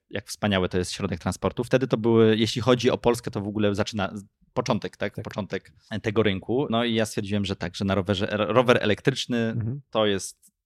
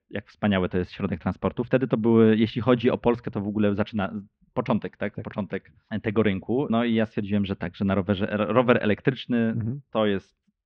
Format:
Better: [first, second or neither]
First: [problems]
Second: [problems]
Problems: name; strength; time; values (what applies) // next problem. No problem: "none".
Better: first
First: none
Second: muffled; very; fading above 3 kHz